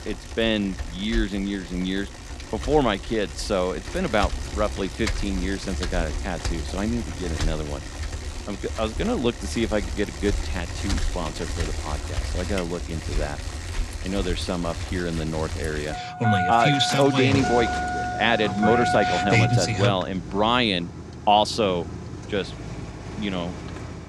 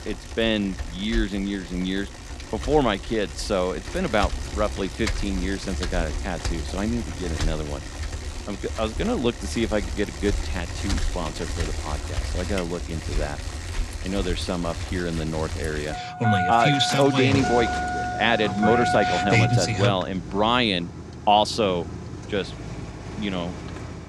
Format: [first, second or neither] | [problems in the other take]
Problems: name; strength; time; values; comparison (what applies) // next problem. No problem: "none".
neither | traffic noise; loud; throughout; 3 dB below the speech; the same in both